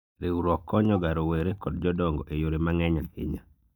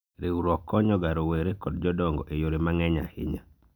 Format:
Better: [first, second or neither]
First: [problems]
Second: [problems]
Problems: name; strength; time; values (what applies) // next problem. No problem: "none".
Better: second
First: noise reduction (neural mask model DeepFilterNet 3)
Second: none